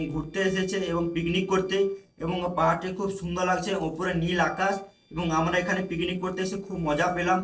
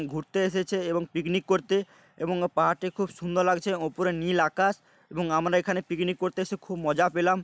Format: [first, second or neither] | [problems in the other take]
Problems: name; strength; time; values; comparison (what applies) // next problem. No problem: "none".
second | noise reduction (neural separator model SepFormer DNS4)